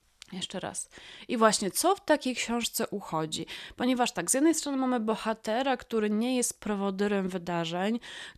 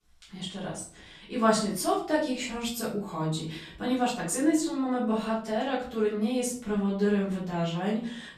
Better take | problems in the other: first | room echo; noticeable; dies away in 0.6 s // off-mic speech; far

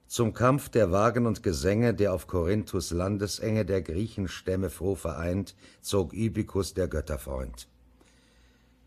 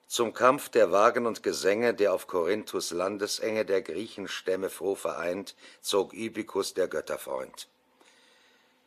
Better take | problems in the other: first | thin; somewhat; fading below 450 Hz

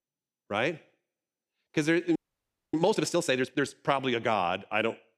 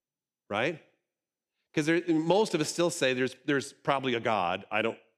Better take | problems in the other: second | audio freezing; at 2 s for 0.5 s

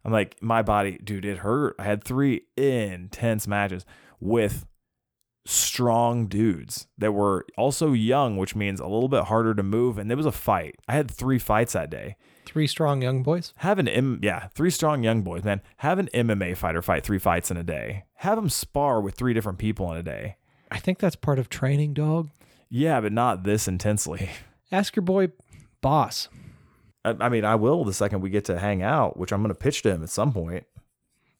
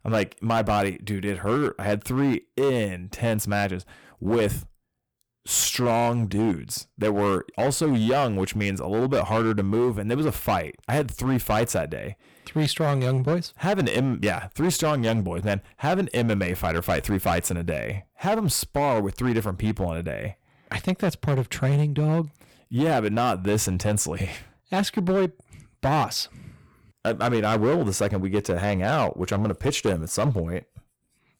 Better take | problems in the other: first | distortion; slight; 10% of the sound clipped

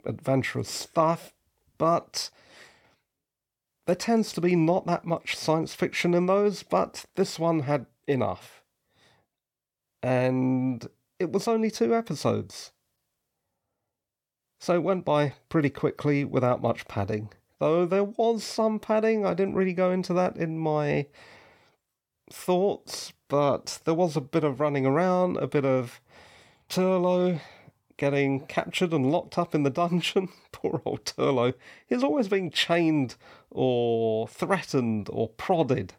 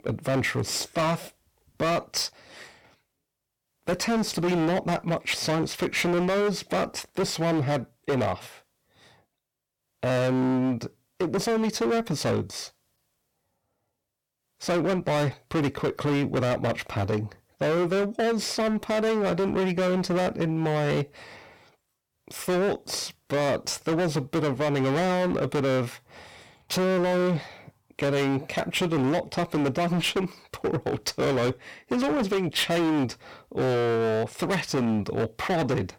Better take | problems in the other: first | distortion; heavy; 22% of the sound clipped

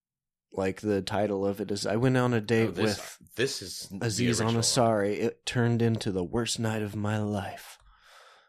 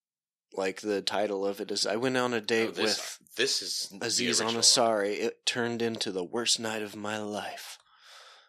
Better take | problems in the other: first | thin; somewhat; fading below 300 Hz

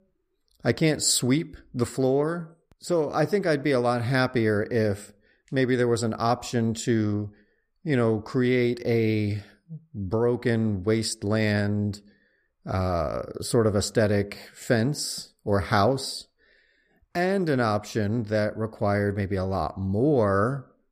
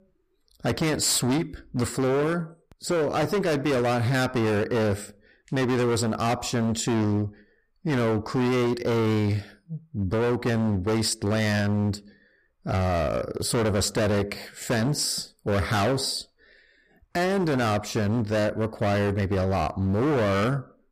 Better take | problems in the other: first | distortion; heavy; 24% of the sound clipped

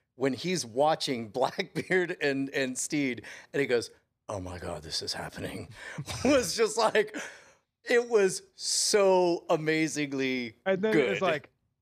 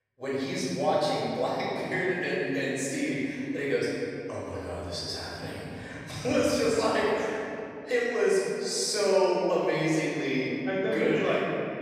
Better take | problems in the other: first | off-mic speech; far // room echo; strong; dies away in 2.6 s

